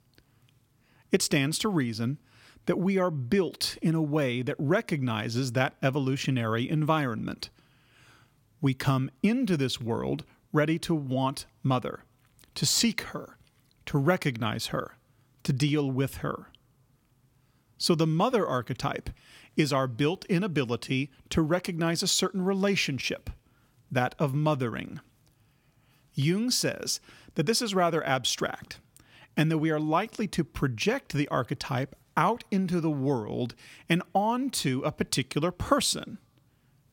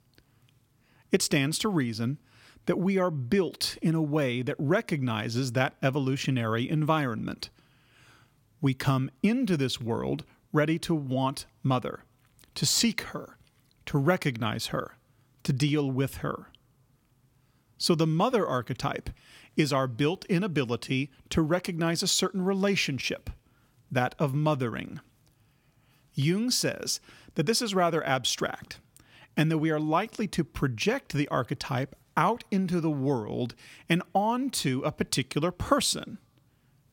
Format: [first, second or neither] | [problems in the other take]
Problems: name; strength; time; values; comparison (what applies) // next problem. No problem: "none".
neither | none